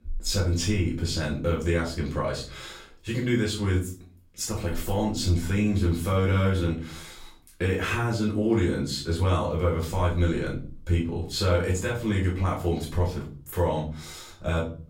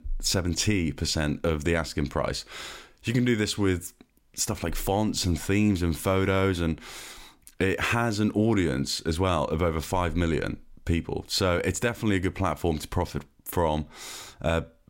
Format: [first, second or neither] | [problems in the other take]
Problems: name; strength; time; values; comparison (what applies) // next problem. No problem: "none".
second | room echo; slight; dies away in 0.4 s // off-mic speech; far